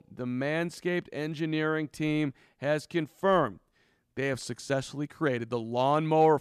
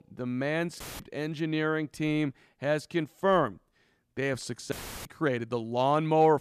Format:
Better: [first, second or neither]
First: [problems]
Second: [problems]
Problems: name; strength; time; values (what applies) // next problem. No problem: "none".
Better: first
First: none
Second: audio cutting out; filled with static; at 1 s and at 4.5 s